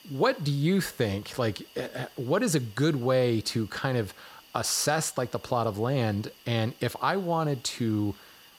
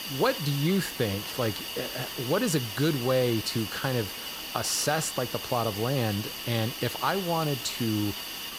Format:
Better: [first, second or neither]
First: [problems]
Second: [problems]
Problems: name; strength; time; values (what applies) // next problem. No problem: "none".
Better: first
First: hiss; faint; throughout; 25 dB below the speech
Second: hiss; loud; throughout; 5 dB below the speech